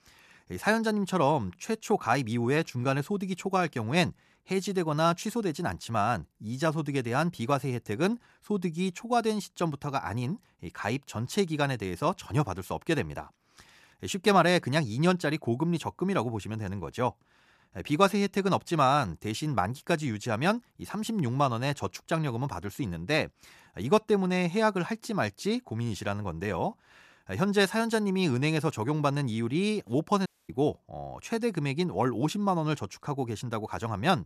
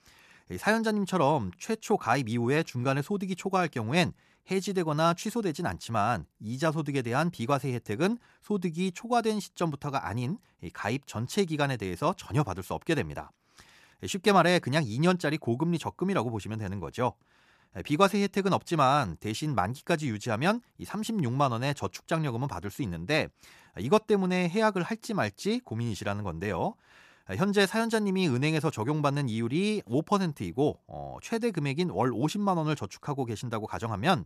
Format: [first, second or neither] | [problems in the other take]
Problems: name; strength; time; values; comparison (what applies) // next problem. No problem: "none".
second | audio cutting out; at 30 s